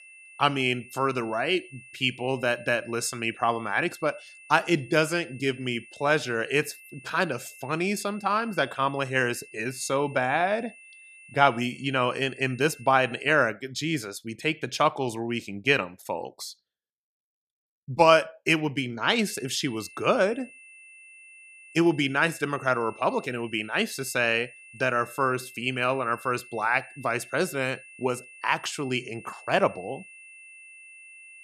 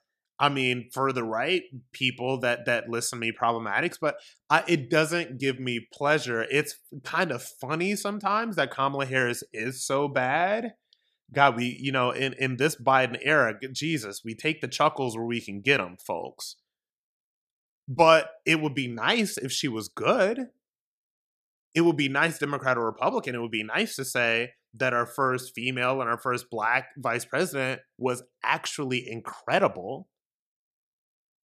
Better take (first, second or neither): second